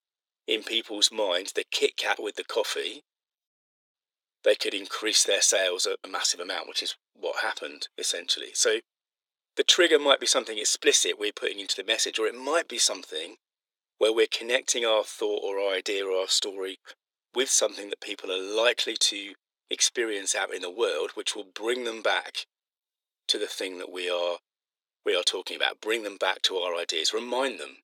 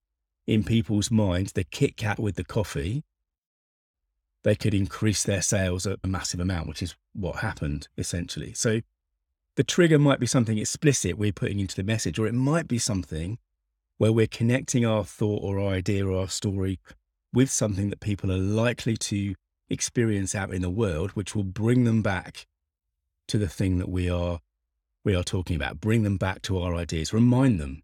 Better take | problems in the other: second | thin; very; fading below 400 Hz

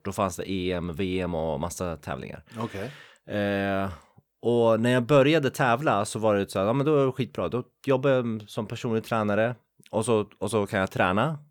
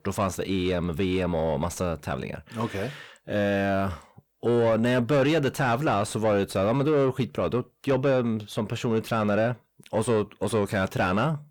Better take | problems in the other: first | distortion; slight; 10 dB below the speech

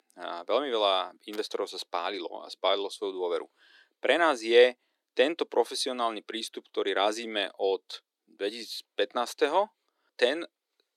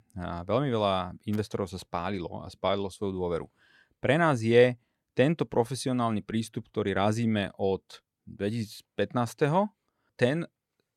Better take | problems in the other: second | thin; very; fading below 300 Hz

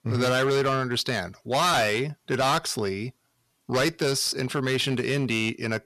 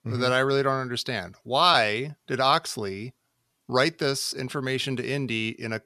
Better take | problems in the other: second | distortion; heavy; 11% of the sound clipped

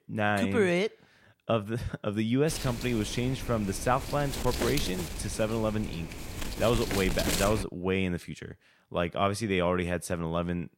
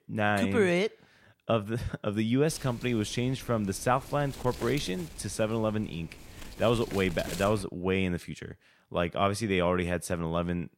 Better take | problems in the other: second | wind noise on the microphone; heavy; from 2.5 to 7.5 s; 7 dB below the speech; occasional gusts in the second

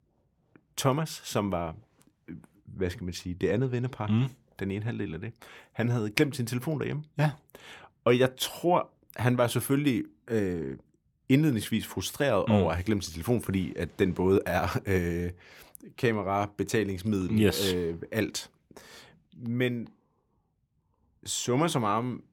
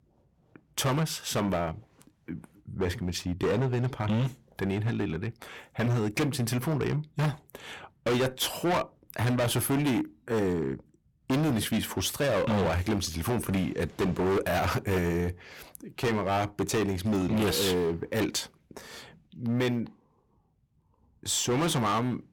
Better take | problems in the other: first | distortion; heavy; 15% of the sound clipped

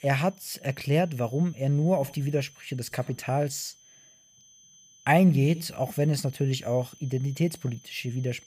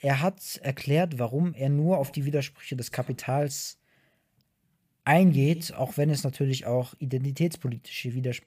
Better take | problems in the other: second | high-pitched whine; faint; throughout; 6 kHz, 25 dB below the speech

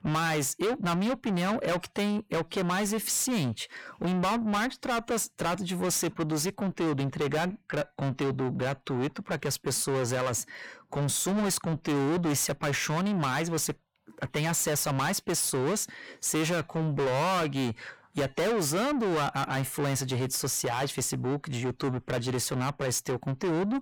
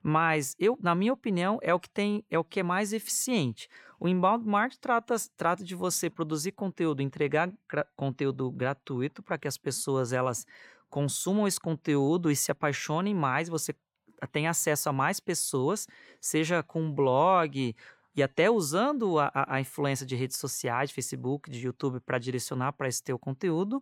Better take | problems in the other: second | distortion; heavy; 5 dB below the speech

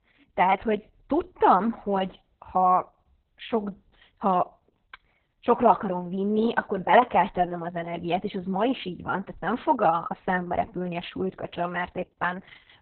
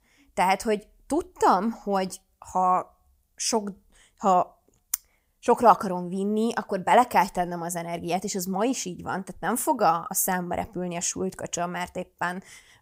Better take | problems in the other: second | garbled, watery; badly

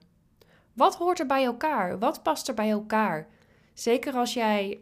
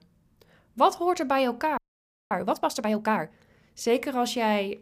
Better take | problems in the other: first | audio freezing; at 2 s for 0.5 s

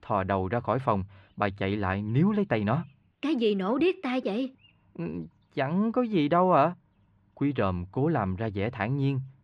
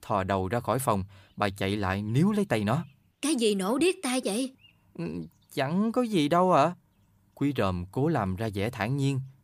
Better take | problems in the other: second | muffled; slightly; fading above 3 kHz

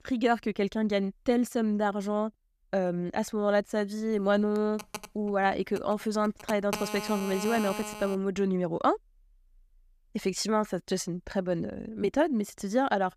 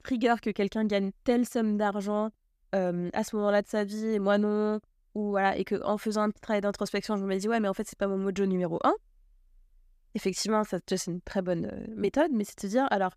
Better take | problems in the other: second | phone ringing; noticeable; from 4.5 to 8 s; peak 6 dB below the speech

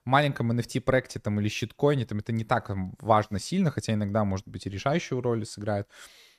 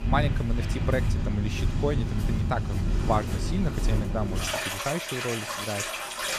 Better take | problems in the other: first | rain or running water; very loud; throughout; 2 dB above the speech

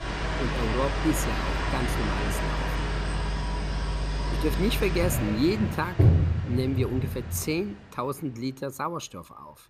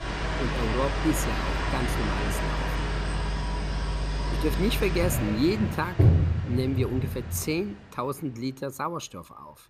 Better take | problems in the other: neither | train or aircraft noise; very loud; throughout; 2 dB above the speech; the same in both

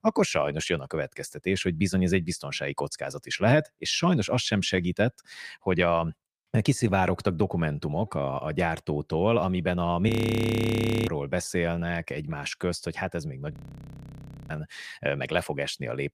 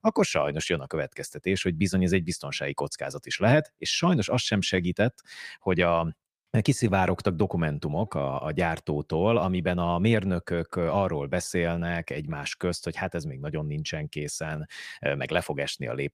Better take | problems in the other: second | audio freezing; at 10 s for 1 s and at 14 s for 1 s

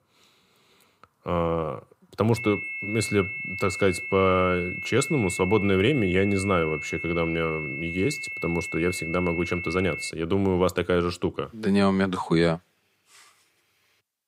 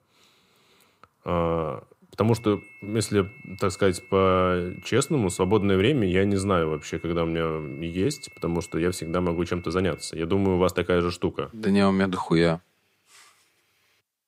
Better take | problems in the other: second | high-pitched whine; loud; from 2.5 to 10 s; 2 kHz, 6 dB below the speech; faint in the second

